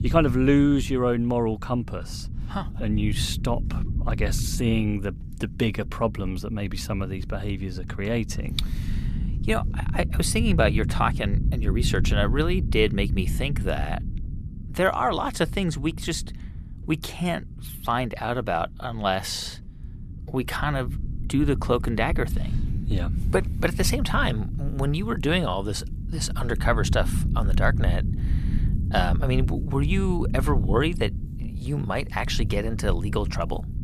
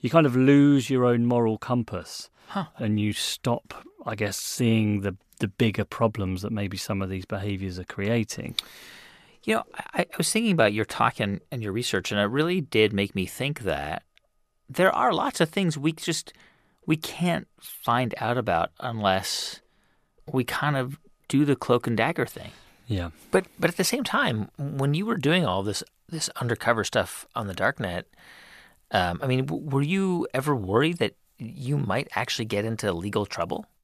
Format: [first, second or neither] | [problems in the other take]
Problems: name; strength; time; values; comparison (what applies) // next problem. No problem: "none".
second | low rumble; noticeable; throughout; 15 dB below the speech